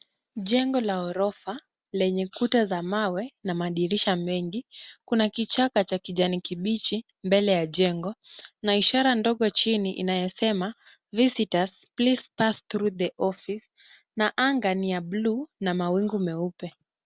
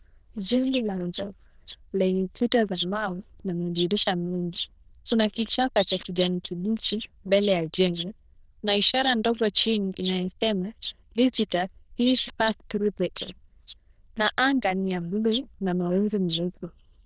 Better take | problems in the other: first | noise reduction (neural diffusion model UNIVERSE++)

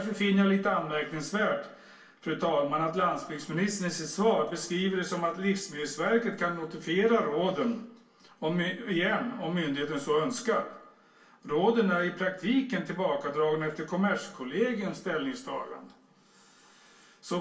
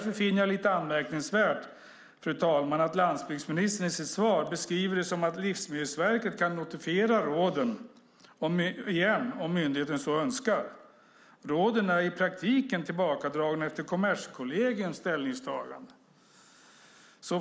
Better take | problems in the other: second | room echo; dies away in 0.3 s

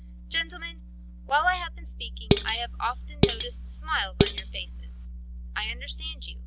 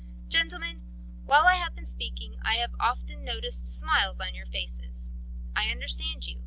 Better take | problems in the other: second | background sound (Dishes, pots, and pans); 4 dB above the speech

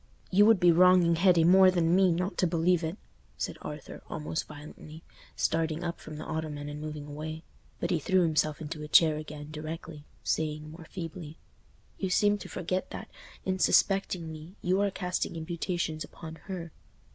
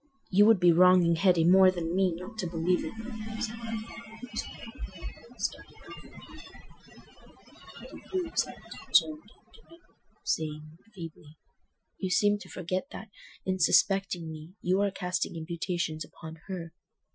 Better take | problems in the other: first | noise reduction (classical method Wiener filter)

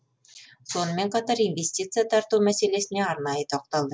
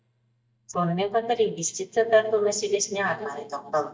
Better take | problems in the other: first | noise reduction (neural mask model DeepFilterNet 3)

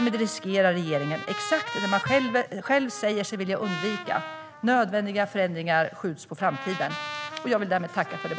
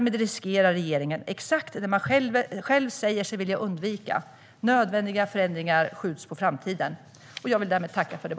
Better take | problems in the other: second | background sound (Trumpet); 11 dB below the speech

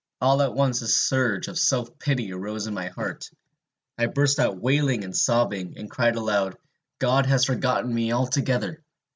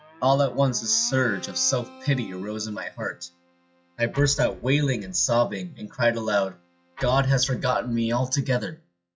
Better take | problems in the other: first | noise reduction (classical method log-MMSE)

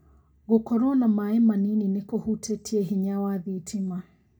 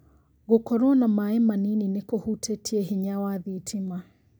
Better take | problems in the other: second | room echo; dies away in 0.2 s

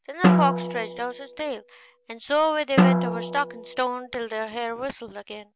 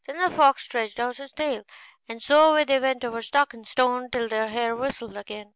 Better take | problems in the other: second | background sound (Drum); 3 dB above the speech

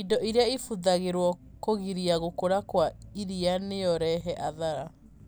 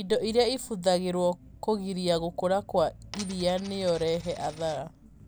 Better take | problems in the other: first | background sound (Coin (dropping)); 18 dB below the speech

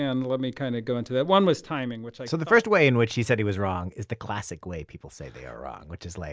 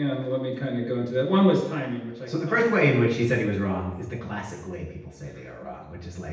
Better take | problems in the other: first | room echo; dies away in 0.9 s

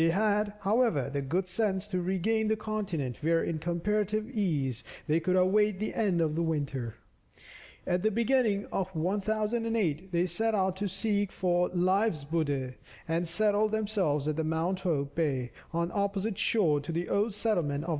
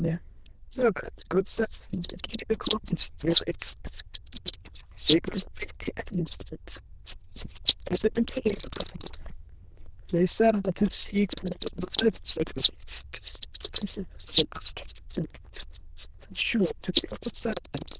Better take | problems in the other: first | noise reduction (neural diffusion model UNIVERSE++)

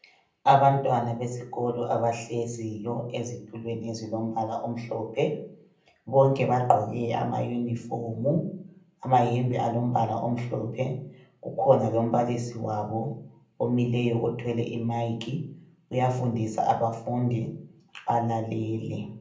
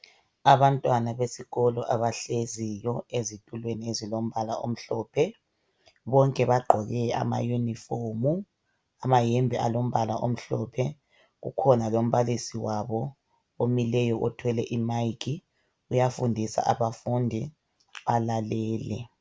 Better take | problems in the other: second | room echo; dies away in 0.6 s

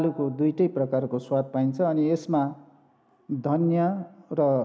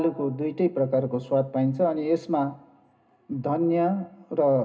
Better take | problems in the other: first | room echo; dies away in 0.2 s

